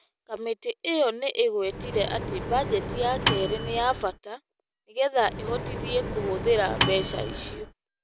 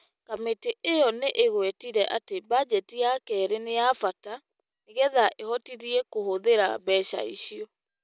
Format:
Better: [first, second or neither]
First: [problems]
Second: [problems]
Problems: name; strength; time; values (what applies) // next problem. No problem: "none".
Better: second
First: background sound (Microwave oven); 3 dB below the speech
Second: none